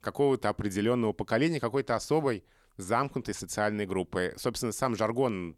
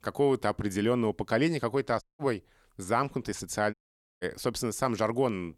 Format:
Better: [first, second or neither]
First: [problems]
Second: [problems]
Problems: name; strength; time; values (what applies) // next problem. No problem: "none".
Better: first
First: none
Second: audio cutting out; at 2 s and at 3.5 s